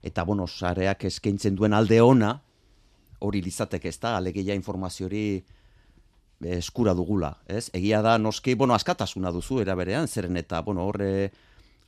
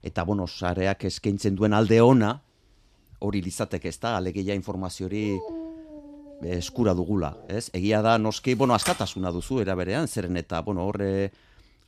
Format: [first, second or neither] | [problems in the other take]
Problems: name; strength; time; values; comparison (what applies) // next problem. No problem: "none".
first | dog barking; faint; from 5 to 7.5 s; peak 10 dB below the speech // keyboard typing; noticeable; at 9 s; peak 5 dB below the speech